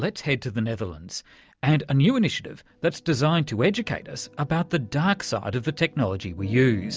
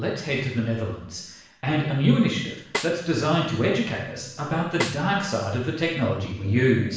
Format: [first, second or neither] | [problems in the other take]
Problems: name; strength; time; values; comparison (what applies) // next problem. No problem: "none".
first | background sound (Snare drum); 11 dB below the speech // room echo; dies away in 0.7 s